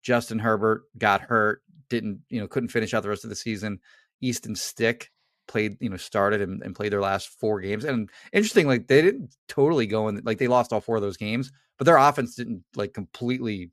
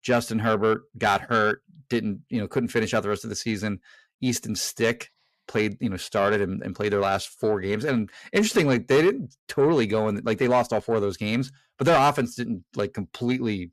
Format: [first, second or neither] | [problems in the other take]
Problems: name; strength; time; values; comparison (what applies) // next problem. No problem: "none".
first | distortion; slight; 10 dB below the speech